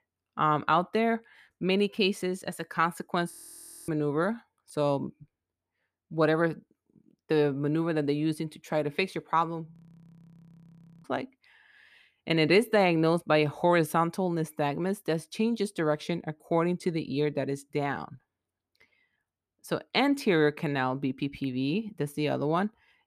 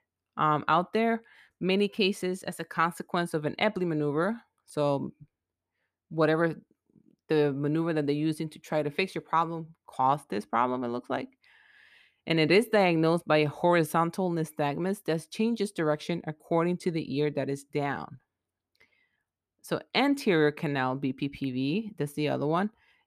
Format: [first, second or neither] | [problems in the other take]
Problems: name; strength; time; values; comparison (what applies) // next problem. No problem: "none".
second | audio freezing; at 3.5 s for 0.5 s and at 9.5 s for 1.5 s